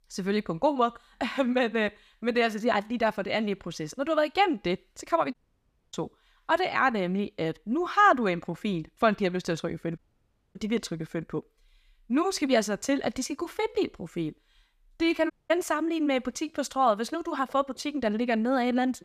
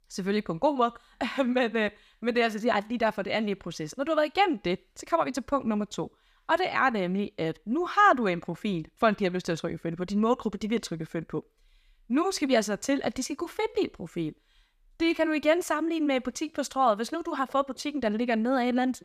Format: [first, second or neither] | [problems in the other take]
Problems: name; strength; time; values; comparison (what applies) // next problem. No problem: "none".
second | audio cutting out; at 5.5 s for 0.5 s, at 10 s for 0.5 s and at 15 s